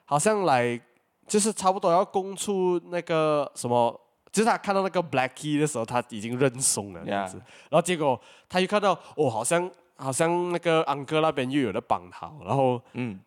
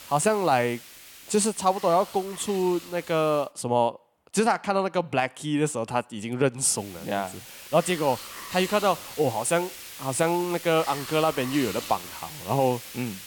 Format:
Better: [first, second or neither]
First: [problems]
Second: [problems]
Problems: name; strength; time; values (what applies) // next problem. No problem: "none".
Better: first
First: none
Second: hiss; noticeable; until 3.5 s and from 7 s on; 15 dB below the speech